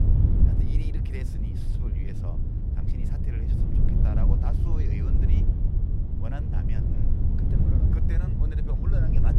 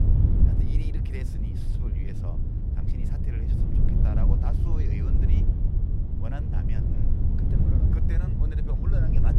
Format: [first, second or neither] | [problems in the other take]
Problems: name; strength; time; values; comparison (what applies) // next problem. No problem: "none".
neither | wind noise on the microphone; heavy; 5 dB above the speech; the same in both